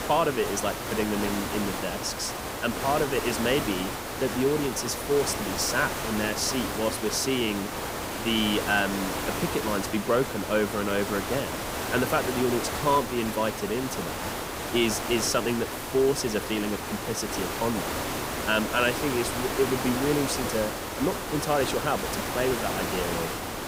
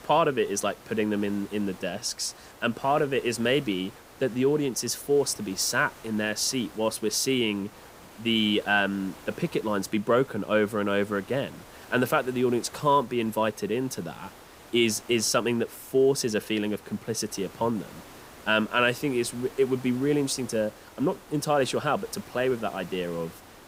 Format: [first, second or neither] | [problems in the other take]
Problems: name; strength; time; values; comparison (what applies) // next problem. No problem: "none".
second | hiss; loud; throughout; 3 dB below the speech; faint in the second